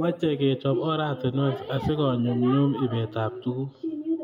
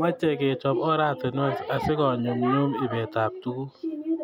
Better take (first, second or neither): second